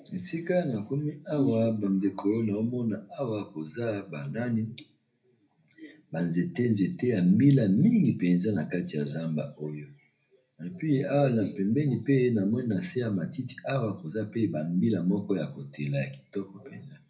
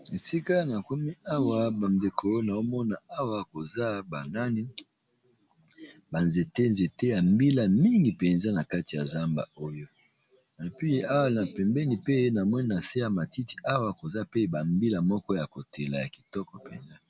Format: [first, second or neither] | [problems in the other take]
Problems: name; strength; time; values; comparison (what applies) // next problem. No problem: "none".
second | room echo; dies away in 0.3 s